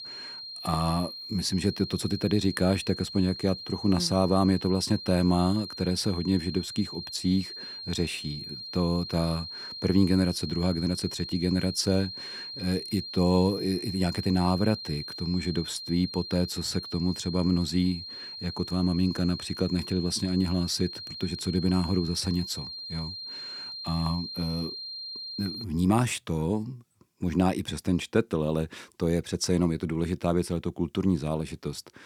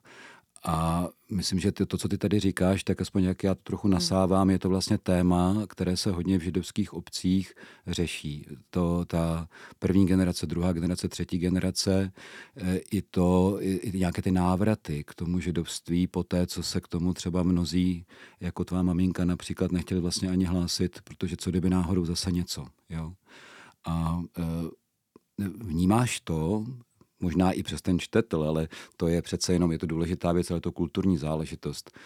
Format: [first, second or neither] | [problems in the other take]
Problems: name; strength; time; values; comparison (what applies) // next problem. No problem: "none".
second | high-pitched whine; loud; until 26 s; 4 kHz, 9 dB below the speech